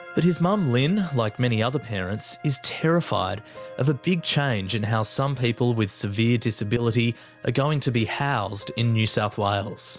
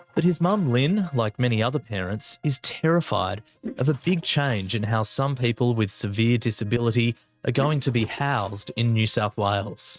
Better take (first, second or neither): first